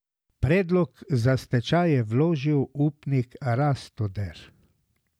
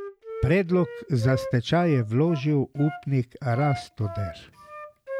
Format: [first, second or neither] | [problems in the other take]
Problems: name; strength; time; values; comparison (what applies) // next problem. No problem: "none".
first | background sound (Wind instrument, woodwind instrument); 13 dB below the speech